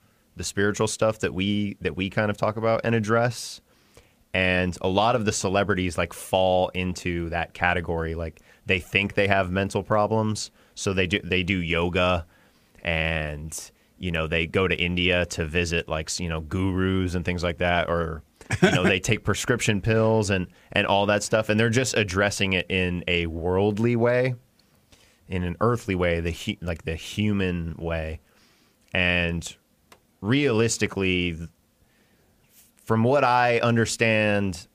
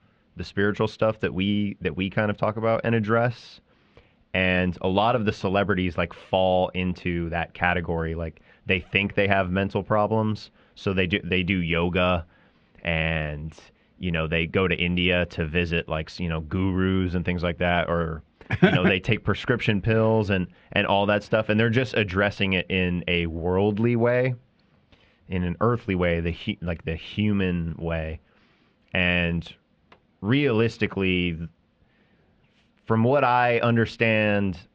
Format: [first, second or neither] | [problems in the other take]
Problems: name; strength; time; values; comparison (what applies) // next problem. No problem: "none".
first | muffled; slightly; fading above 3.5 kHz